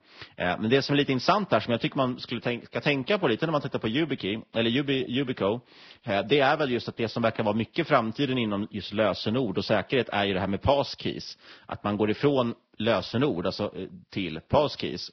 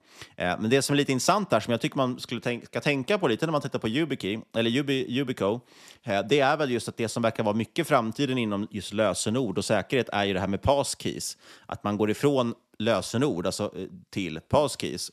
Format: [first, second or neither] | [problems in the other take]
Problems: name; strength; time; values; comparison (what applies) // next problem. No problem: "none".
second | garbled, watery; badly; nothing above 5.5 kHz